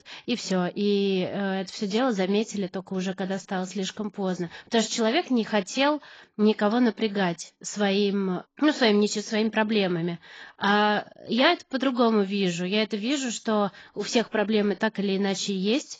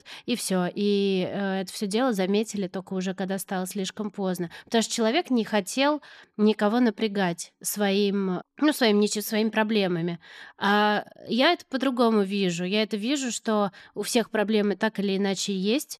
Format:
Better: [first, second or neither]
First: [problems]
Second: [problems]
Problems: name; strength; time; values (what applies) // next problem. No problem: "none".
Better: second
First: garbled, watery; badly; nothing above 7.5 kHz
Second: none